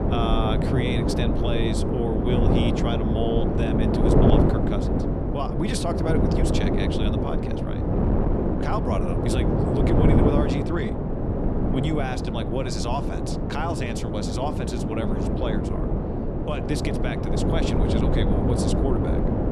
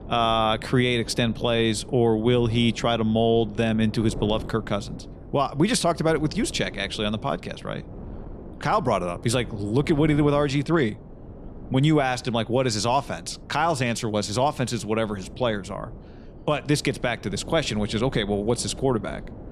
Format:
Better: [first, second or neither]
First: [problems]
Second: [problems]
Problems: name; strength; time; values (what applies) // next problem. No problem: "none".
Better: second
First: wind noise on the microphone; heavy; 2 dB above the speech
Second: wind noise on the microphone; occasional gusts; 20 dB below the speech